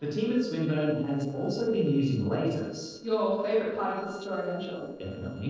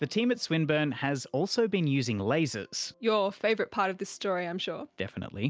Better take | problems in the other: second | noise reduction (neural separator model SepFormer DNS4)

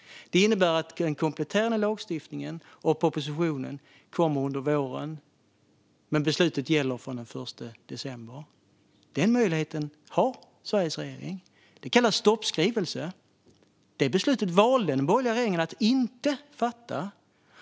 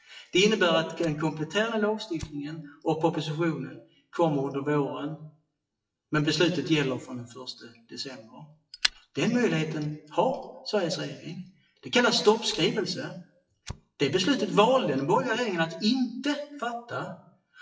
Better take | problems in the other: first | noise reduction (classical method WPE with log-MMSE)

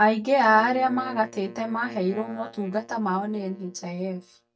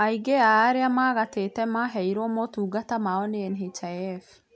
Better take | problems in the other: second | noise reduction (neural mask model DeepFilterNet 3)

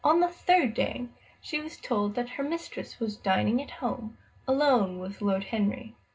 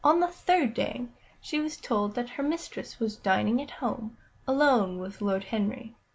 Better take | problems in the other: second | room echo; dies away in 0.2 s

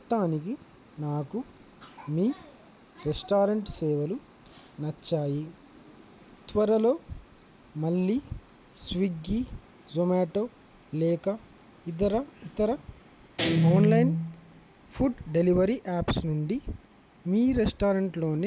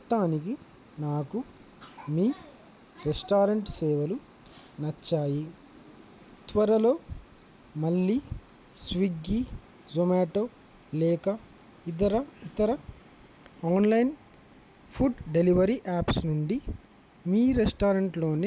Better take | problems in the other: second | background sound (Guitar); 1 dB above the speech

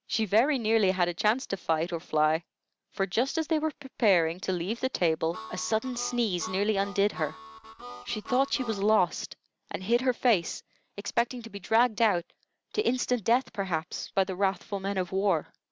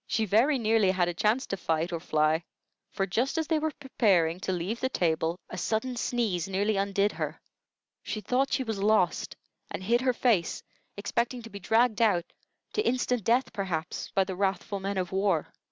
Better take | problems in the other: second | background sound (Harmonica); 14 dB below the speech

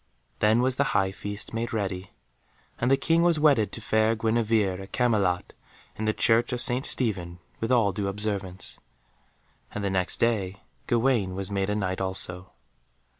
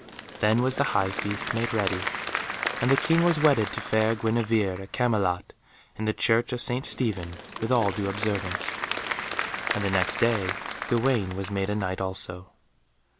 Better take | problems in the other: first | background sound (Applause / Crowd); 7 dB below the speech

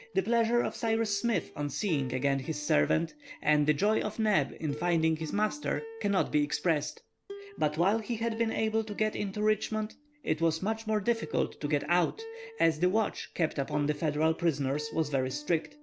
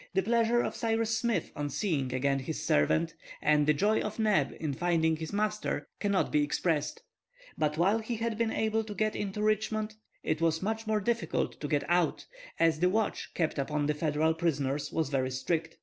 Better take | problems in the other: second | background sound (Plucked string instrument); 17 dB below the speech

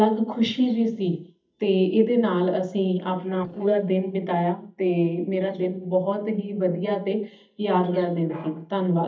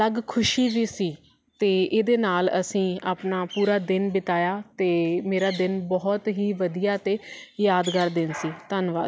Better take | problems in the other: second | noise reduction (neural mask model DeepFilterNet 3)

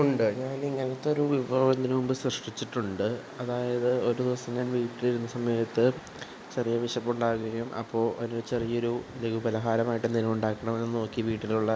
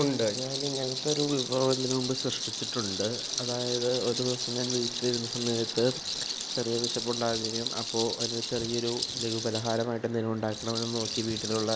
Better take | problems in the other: first | background sound (Rattle); 4 dB below the speech

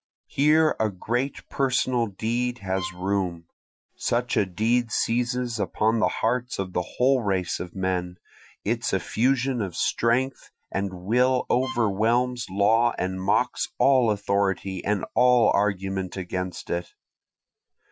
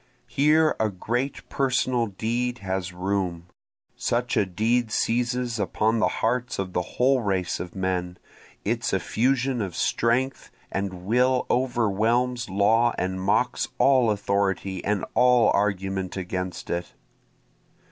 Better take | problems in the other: second | noise reduction (classical method Wiener filter)

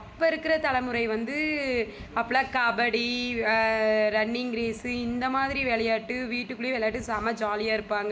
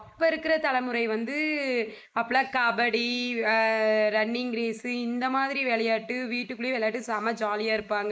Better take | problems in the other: first | noise reduction (neural mask model Resemble Enhance denoiser)

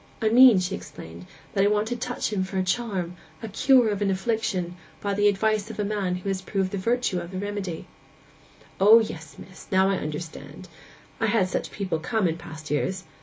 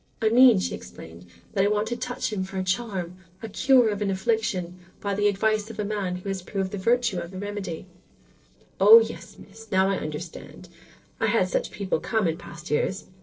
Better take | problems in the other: first | noise reduction (neural separator model SepFormer DNS4)

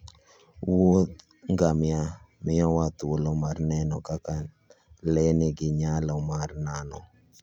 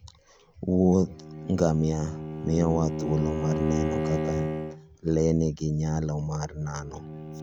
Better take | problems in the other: first | background sound (Bowed string instrument); 6 dB below the speech

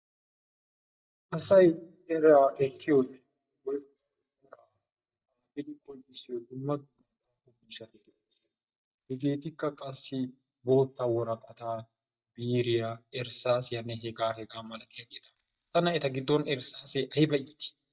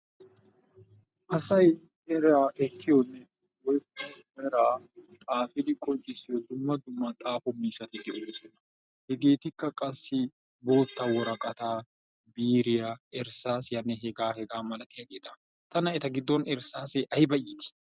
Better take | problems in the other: second | noise reduction (neural mask model DeepFilterNet 3)

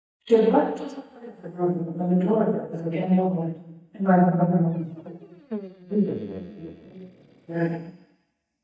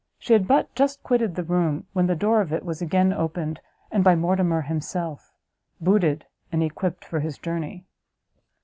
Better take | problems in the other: second | noise reduction (neural mask model DeepFilterNet 3)

